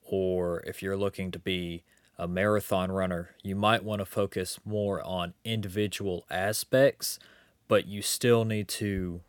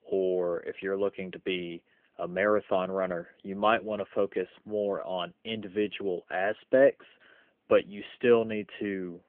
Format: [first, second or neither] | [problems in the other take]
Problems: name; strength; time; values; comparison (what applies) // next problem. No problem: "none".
first | phone-call audio; nothing above 3.5 kHz